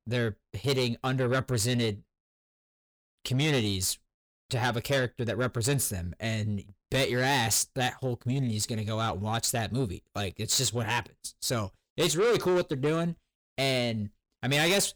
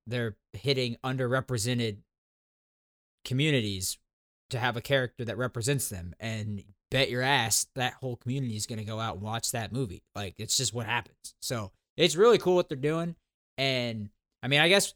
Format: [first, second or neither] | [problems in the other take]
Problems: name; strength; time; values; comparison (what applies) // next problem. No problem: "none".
second | distortion; heavy; 7 dB below the speech